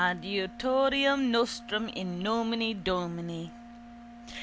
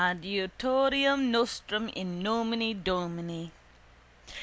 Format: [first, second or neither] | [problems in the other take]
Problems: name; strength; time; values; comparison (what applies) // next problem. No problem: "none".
second | background sound (Wind instrument, woodwind instrument); 18 dB below the speech